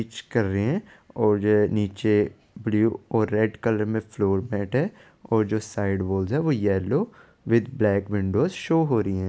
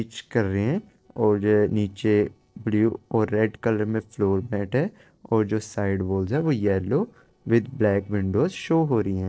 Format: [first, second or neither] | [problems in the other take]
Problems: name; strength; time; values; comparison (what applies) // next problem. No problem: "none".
first | noise reduction (neural separator model SepFormer DNS4)